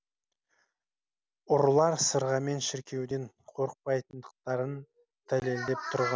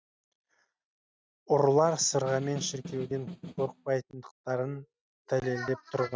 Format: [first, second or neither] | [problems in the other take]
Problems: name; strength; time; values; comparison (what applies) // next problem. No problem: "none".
first | noise reduction (neural mask model RNNoise)